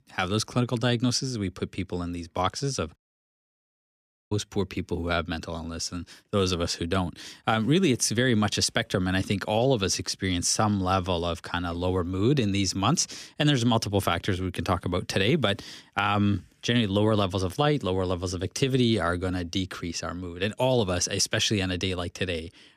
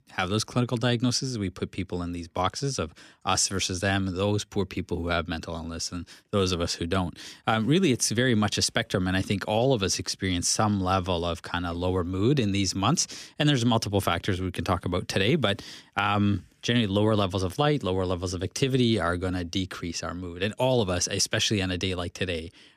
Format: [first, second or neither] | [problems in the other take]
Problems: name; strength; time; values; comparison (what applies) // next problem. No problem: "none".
second | audio cutting out; at 3 s for 1.5 s